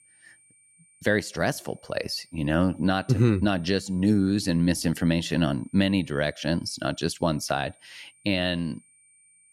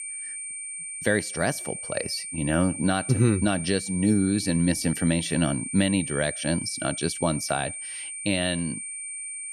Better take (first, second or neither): first